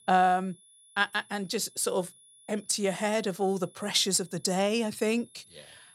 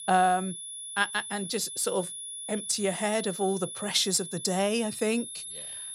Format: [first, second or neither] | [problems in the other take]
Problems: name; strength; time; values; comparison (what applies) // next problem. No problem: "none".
first | high-pitched whine; loud; throughout; 10.5 kHz, 8 dB below the speech; faint in the first